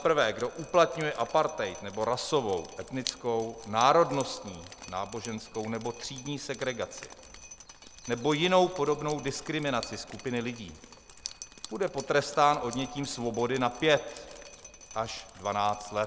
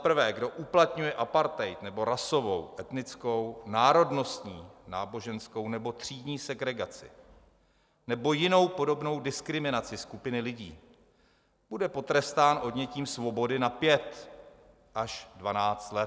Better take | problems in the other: second | background sound (Drip); 17 dB below the speech

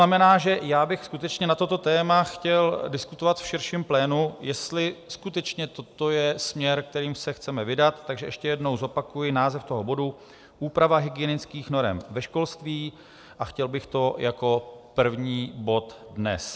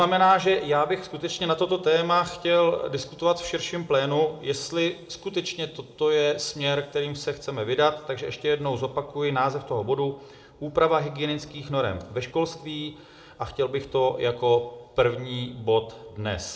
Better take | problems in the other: first | room echo; dies away in 0.8 s

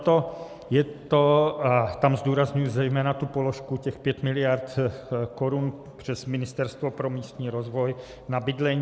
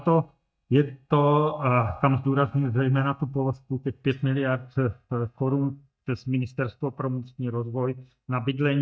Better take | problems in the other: first | noise reduction (neural mask model DeepFilterNet 3)

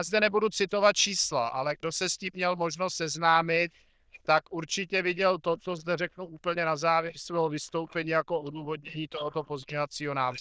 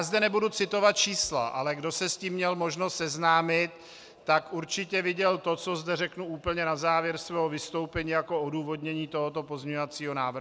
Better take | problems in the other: second | noise reduction (neural diffusion model UNIVERSE++)

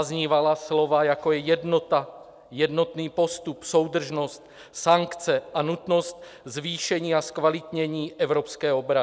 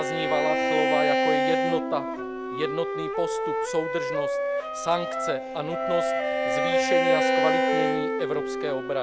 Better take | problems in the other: first | background sound (Bowed string instrument + Wind instrument, woodwind instrument); 5 dB above the speech

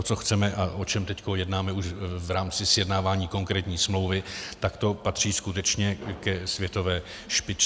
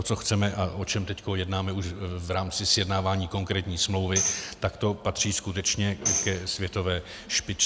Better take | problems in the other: first | background sound (Tambourine); 5 dB below the speech

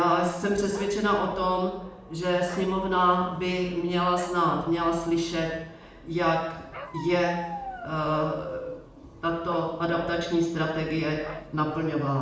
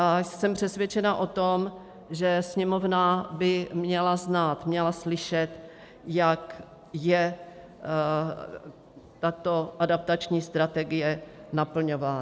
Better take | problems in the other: second | background sound (Bark); 16 dB below the speech // room echo; dies away in 0.7 s

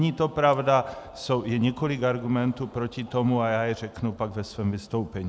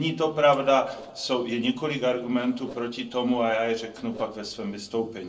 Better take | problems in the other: first | noise reduction (neural separator model SepFormer DNS4)

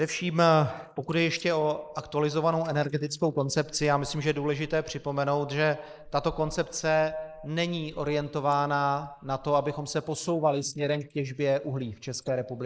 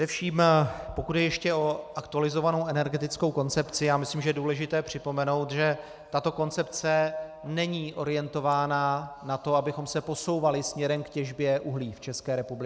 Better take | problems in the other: second | noise reduction (neural mask model Resemble Enhance denoiser)

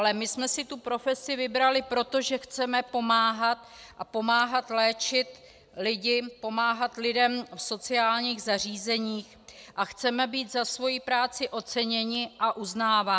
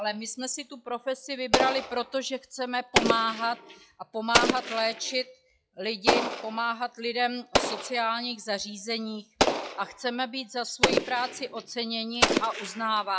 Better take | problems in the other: first | noise reduction (classical method log-MMSE)

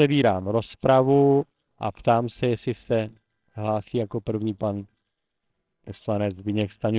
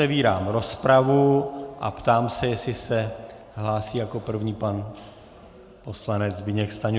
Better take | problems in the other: second | noise reduction (neural separator model SepFormer WHAMR!)

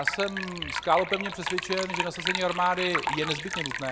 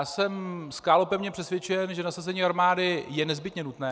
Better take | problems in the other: second | background sound (Liquid); 3 dB below the speech

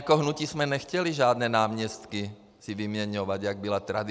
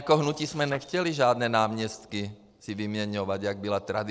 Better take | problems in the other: first | noise reduction (neural separator model SepFormer DNS4)

